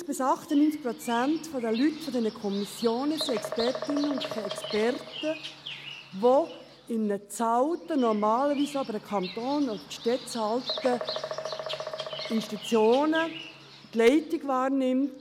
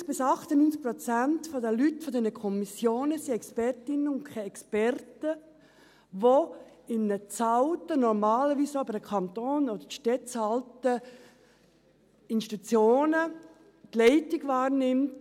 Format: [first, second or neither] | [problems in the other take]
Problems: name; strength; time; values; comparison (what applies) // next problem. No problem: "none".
second | background sound (Bird vocalization, bird call, bird song); 11 dB below the speech